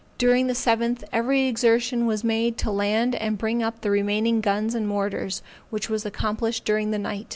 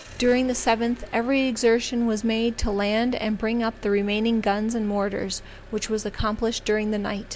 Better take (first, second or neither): first